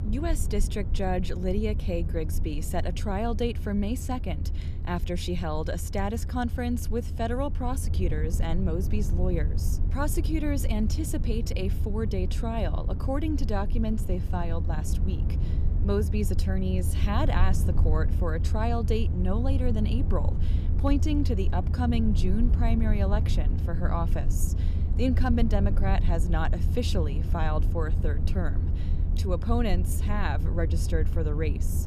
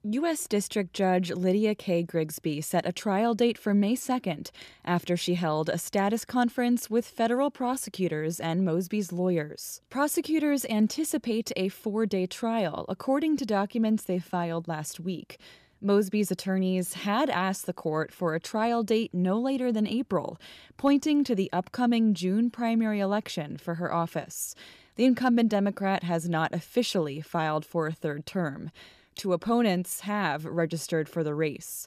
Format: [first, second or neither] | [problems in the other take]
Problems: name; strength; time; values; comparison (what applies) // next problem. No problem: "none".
second | low rumble; loud; throughout; 10 dB below the speech